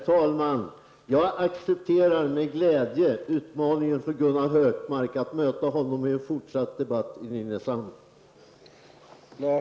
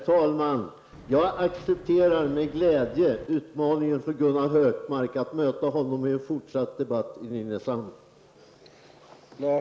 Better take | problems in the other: first | background sound (Wind); 20 dB below the speech

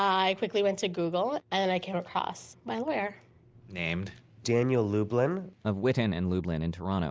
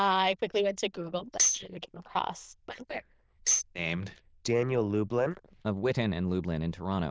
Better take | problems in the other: first | noise reduction (neural diffusion model UNIVERSE++)

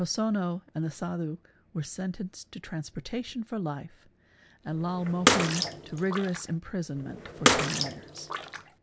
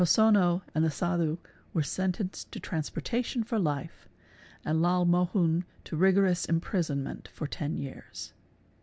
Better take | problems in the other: second | background sound (Bathtub (filling or washing) / Water / Splash, splatter); 3 dB above the speech

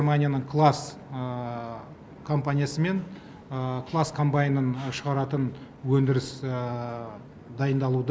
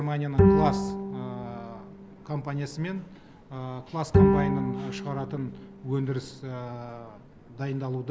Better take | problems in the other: first | background sound (Bowed string instrument); 4 dB above the speech

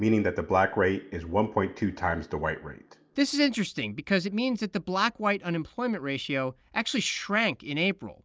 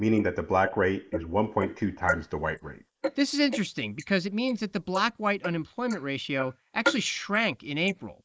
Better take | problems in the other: first | noise reduction (neural mask model Resemble Enhance denoiser)

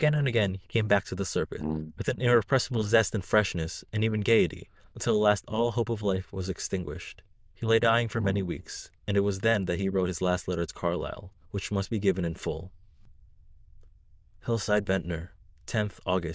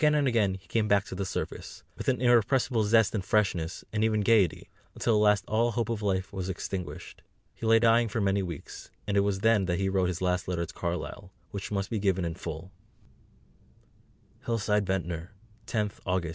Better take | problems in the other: second | noise reduction (neural diffusion model UNIVERSE++)

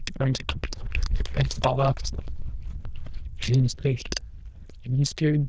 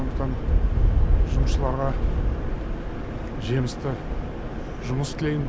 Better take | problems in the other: second | noise reduction (neural diffusion model UNIVERSE++)

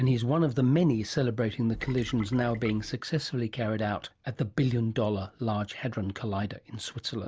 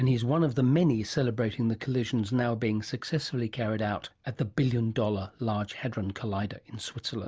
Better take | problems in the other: second | background sound (Trickle, dribble / Water tap, faucet); 14 dB below the speech

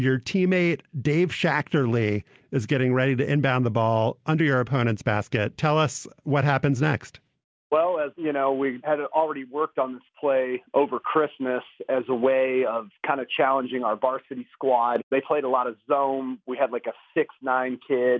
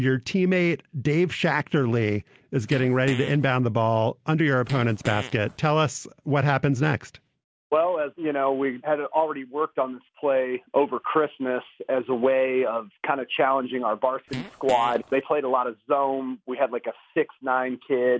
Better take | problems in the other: first | background sound (Fart); 13 dB below the speech

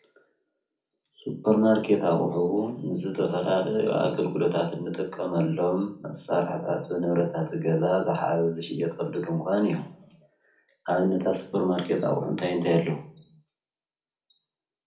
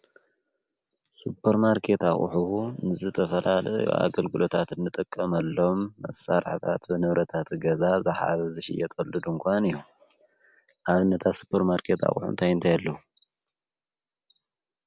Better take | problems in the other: second | room echo; dies away in 0.3 s

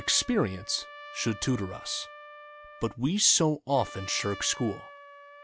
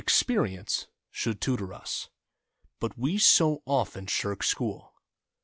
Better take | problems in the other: second | background sound (Trumpet); 16 dB below the speech

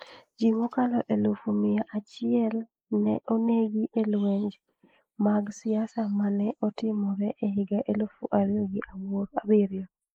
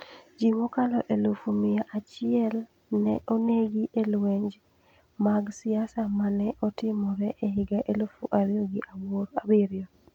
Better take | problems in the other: second | noise reduction (neural mask model Resemble Enhance denoiser)

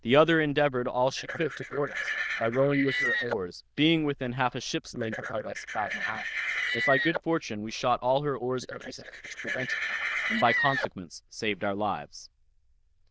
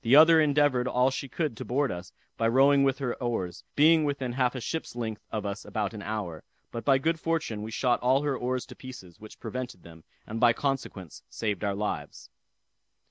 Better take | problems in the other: second | noise reduction (neural diffusion model UNIVERSE++)

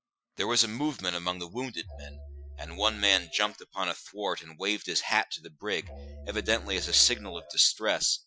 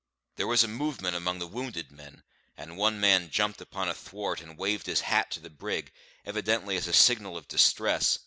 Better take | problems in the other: second | noise reduction (classical method Wiener filter)

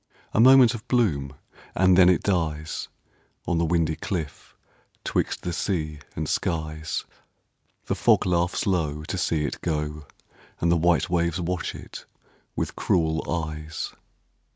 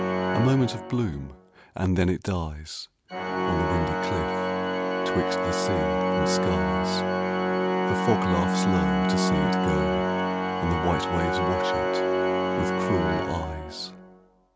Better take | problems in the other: first | background sound (Organ); 3 dB above the speech

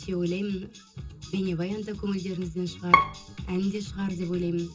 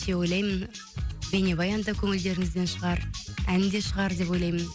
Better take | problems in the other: second | background sound (Bowed string instrument); 3 dB above the speech // room echo; dies away in 0.2 s

